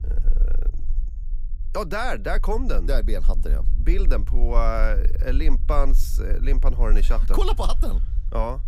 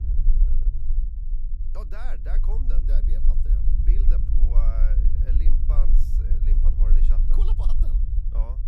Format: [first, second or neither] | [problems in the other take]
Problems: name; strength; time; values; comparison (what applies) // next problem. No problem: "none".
first | low rumble; loud; throughout; 2 dB below the speech; faint in the first